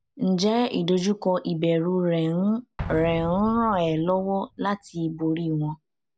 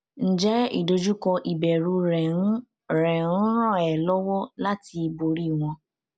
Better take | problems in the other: second | background sound (Explosion); 18 dB below the speech

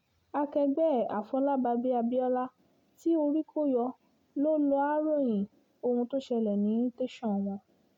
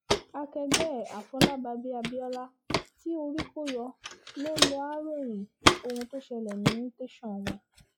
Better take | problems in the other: first | noise reduction (classical method log-MMSE)

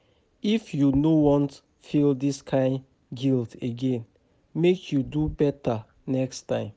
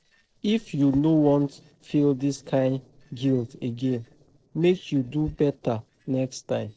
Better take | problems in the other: first | noise reduction (neural separator model SepFormer DNS4)

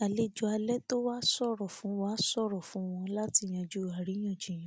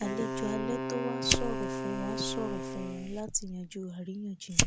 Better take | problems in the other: first | background sound (Wind instrument, woodwind instrument + Fire); 3 dB above the speech

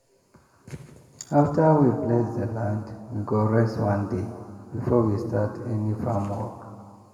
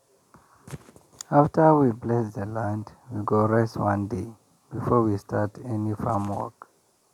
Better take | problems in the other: second | room echo; dies away in 1.6 s

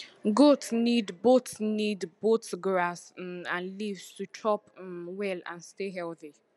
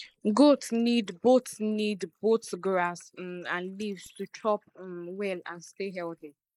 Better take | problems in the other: first | noise reduction (neural mask model Resemble Enhance denoiser)

